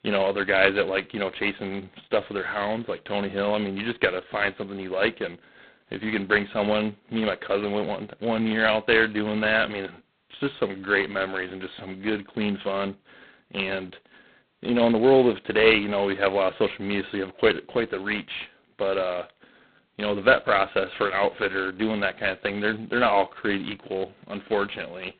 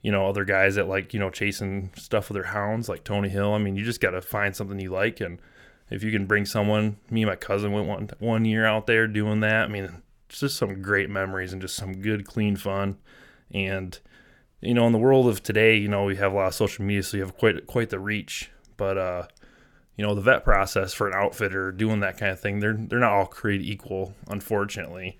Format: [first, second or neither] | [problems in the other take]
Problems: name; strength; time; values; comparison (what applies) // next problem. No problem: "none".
second | phone-call audio; poor line; nothing above 4 kHz